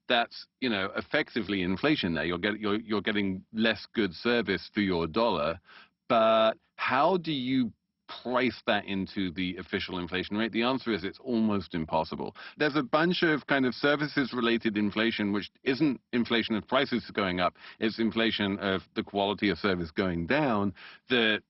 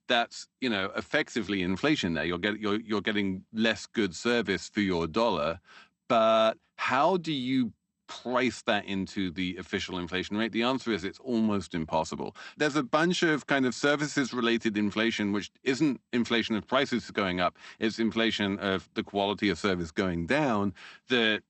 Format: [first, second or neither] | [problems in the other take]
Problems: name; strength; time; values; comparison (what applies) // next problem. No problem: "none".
second | garbled, watery; badly; nothing above 5.5 kHz; slightly in the second